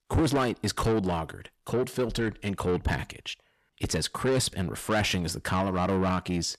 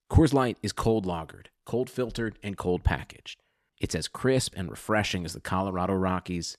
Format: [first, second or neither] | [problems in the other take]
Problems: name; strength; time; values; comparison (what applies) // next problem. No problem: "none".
second | distortion; heavy; 7 dB below the speech